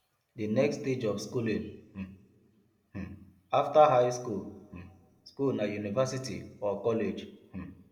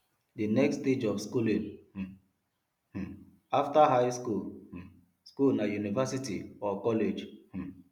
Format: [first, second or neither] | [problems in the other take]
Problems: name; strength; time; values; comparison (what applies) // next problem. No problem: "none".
second | room echo; dies away in 0.8 s